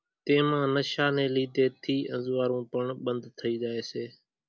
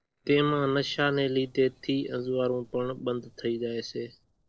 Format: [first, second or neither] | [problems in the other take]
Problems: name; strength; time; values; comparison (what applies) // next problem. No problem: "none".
first | noise reduction (neural separator model SepFormer DNS4)